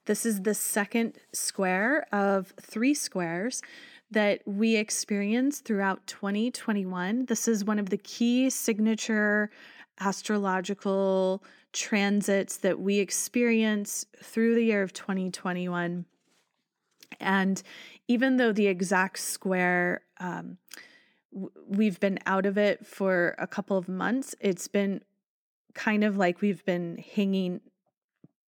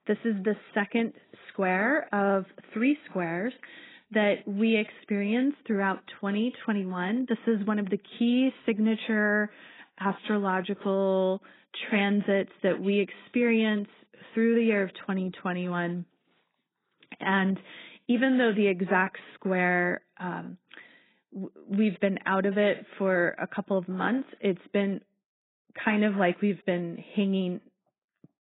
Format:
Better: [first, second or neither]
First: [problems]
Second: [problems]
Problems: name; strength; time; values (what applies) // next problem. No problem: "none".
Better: first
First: none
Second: garbled, watery; badly; nothing above 3.5 kHz